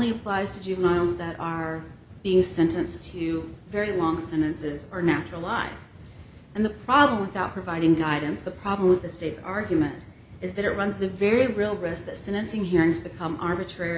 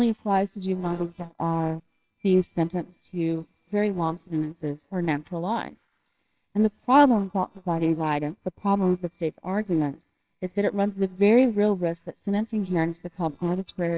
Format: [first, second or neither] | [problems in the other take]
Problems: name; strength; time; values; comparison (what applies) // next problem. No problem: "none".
first | noise reduction (neural separator model SepFormer WHAMR!)